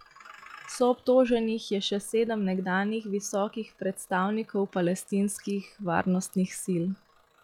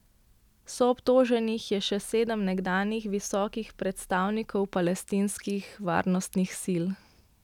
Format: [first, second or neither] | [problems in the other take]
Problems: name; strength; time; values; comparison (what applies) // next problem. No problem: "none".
second | noise reduction (classical method log-MMSE)